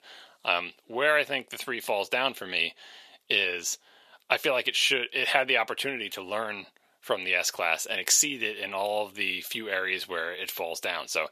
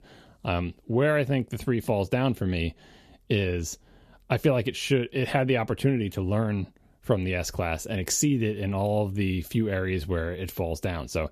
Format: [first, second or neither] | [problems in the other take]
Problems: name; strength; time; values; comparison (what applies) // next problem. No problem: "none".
second | thin; very; fading below 800 Hz